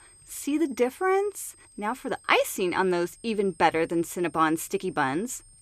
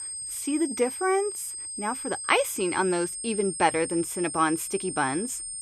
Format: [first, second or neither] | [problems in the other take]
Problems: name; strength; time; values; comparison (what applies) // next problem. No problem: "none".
first | high-pitched whine; loud; throughout; 8.5 kHz, 6 dB below the speech; faint in the first